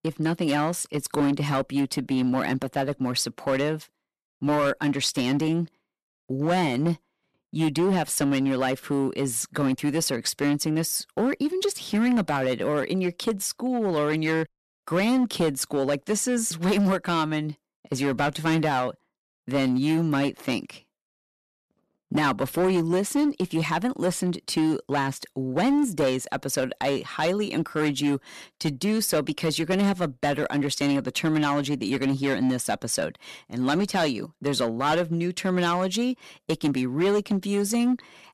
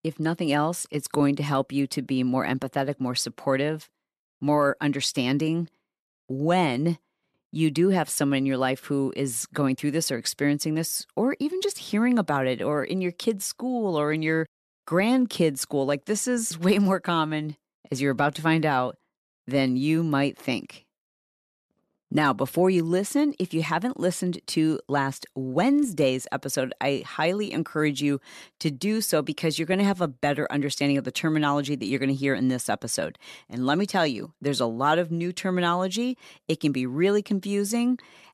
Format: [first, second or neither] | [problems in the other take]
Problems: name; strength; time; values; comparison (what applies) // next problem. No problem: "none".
second | distortion; slight; 8% of the sound clipped